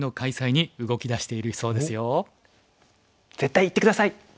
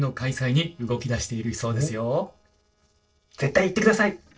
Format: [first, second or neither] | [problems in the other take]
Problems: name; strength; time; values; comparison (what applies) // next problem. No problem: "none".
first | noise reduction (neural separator model SepFormer DNS4)